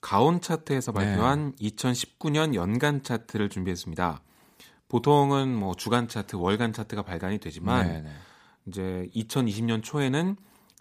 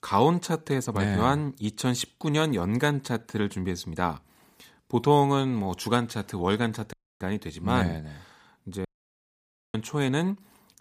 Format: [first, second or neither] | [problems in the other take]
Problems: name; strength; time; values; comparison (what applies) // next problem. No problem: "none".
first | audio cutting out; at 7 s and at 9 s for 1 s